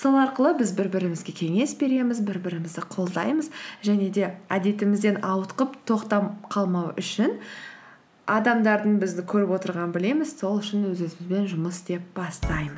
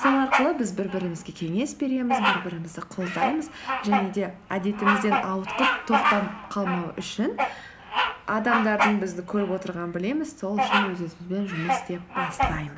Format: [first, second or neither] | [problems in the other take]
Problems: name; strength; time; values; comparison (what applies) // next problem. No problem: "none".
first | background sound (Bird vocalization, bird call, bird song); 1 dB below the speech